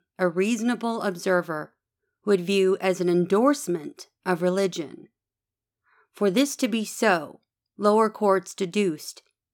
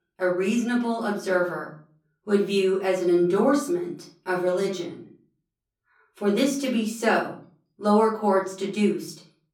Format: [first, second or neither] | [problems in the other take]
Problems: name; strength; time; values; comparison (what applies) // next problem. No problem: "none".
first | off-mic speech; far // room echo; slight; dies away in 0.4 s